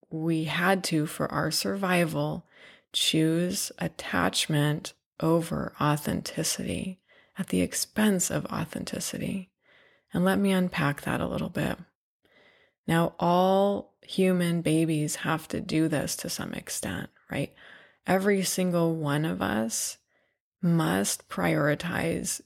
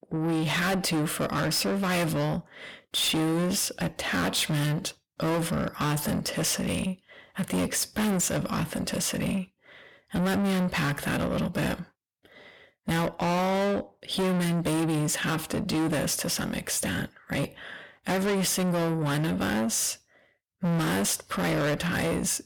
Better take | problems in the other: first | distortion; heavy; 6 dB below the speech

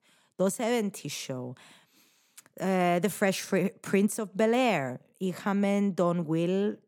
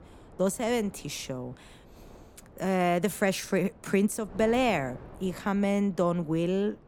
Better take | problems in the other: first | wind noise on the microphone; occasional gusts; 25 dB below the speech

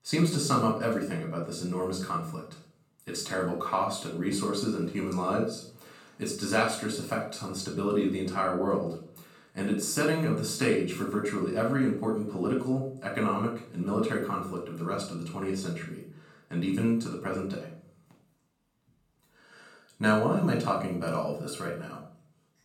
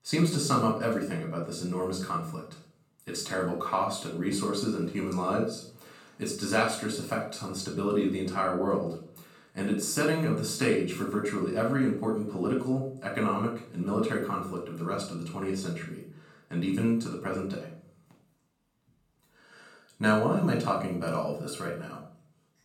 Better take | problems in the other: neither | off-mic speech; far; the same in both // room echo; noticeable; dies away in 0.5 s; the same in both

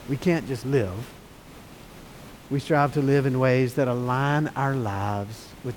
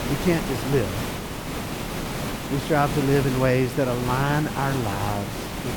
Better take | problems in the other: first | hiss; loud; throughout; 5 dB below the speech; faint in the first

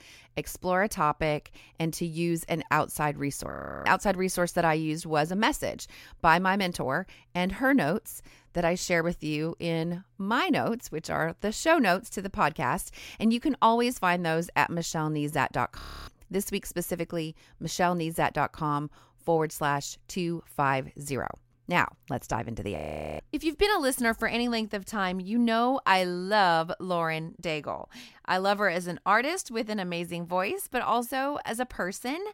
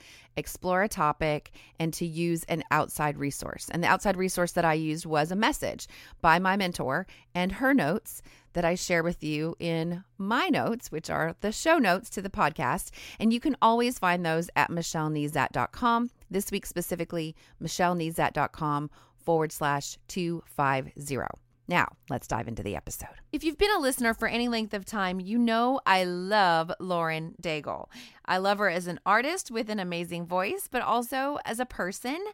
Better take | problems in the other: second | audio freezing; at 3.5 s, at 16 s and at 23 s

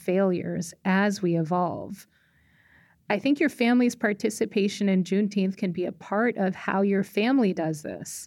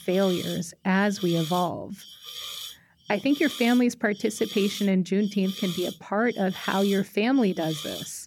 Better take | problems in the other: first | hiss; noticeable; throughout; 10 dB below the speech

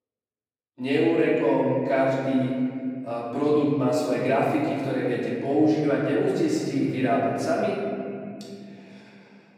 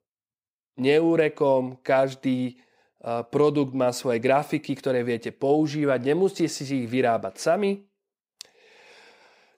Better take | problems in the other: second | off-mic speech; far // room echo; noticeable; dies away in 2.6 s

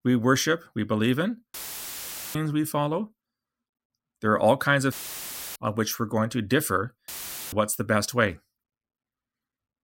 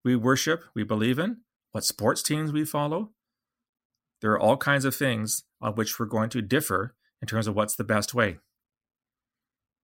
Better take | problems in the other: second | audio cutting out; filled with static; at 1.5 s for 1 s, at 5 s for 0.5 s and at 7 s

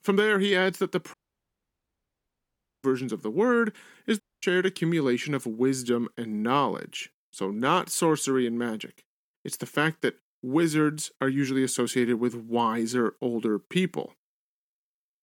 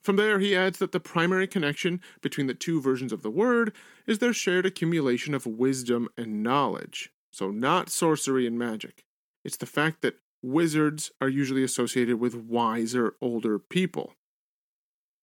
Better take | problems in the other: second | audio cutting out; at 1 s for 1.5 s and at 4 s

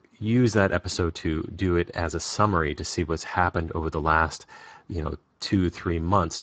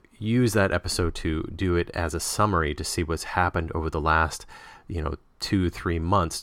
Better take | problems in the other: second | garbled, watery; badly; nothing above 7.5 kHz

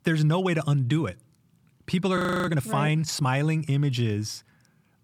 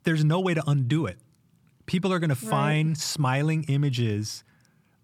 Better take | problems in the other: second | audio freezing; at 2 s

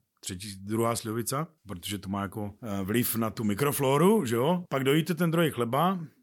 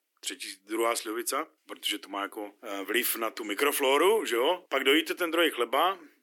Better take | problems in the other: first | thin; somewhat; fading below 300 Hz

